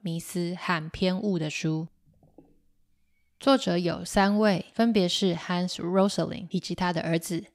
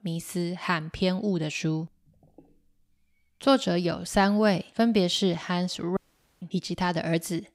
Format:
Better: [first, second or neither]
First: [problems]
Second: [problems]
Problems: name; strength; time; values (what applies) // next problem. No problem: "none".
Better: first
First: none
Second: audio cutting out; at 6 s